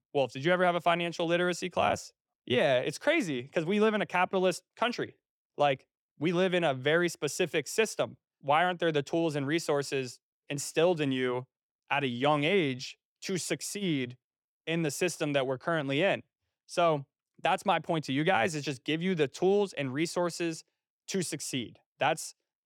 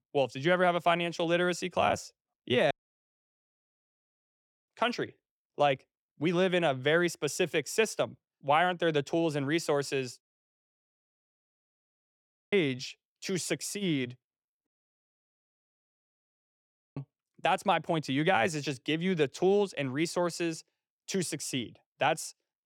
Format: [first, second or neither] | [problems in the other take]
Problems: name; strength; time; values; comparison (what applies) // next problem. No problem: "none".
first | audio cutting out; at 2.5 s for 2 s, at 10 s for 2.5 s and at 15 s for 2.5 s